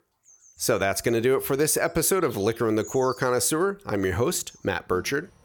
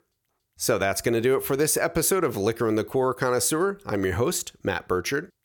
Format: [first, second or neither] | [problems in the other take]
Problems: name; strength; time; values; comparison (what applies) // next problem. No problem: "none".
second | animal sounds; faint; throughout; 25 dB below the speech